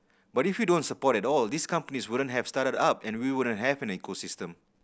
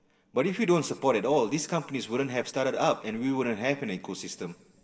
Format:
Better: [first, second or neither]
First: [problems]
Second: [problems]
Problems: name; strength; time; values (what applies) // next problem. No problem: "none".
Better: first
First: none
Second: room echo; dies away in 2.9 s